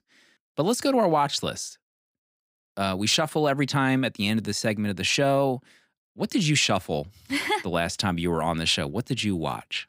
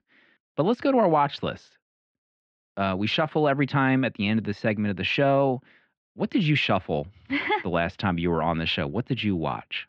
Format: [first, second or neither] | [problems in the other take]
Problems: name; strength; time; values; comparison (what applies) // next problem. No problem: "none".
first | muffled; very; fading above 3 kHz